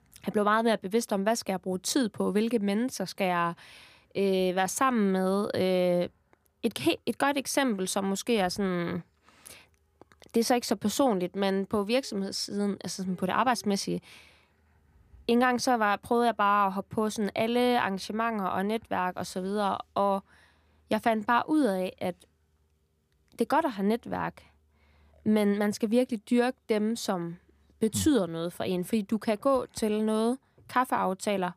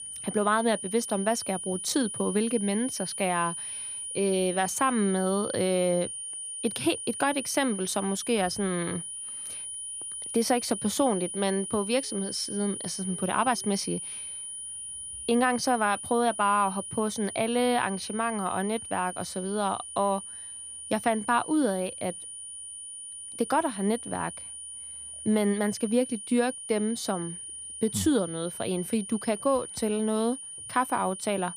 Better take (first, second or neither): first